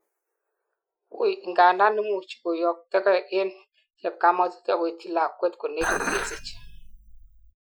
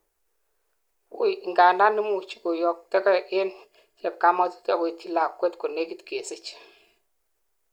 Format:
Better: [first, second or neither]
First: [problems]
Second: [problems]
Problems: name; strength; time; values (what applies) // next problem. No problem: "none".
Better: second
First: noise reduction (classical method Wiener filter)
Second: none